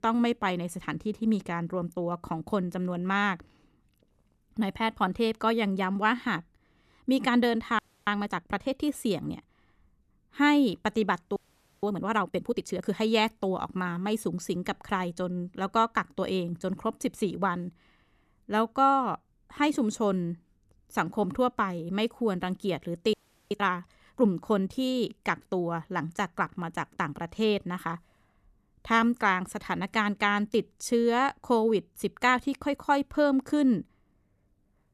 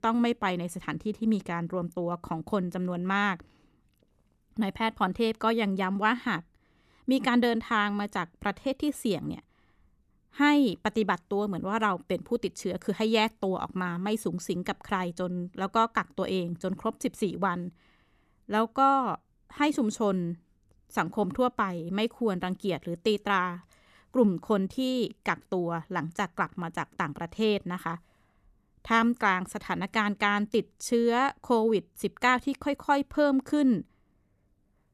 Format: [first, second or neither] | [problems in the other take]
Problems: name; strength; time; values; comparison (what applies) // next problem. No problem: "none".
second | audio freezing; at 8 s, at 11 s and at 23 s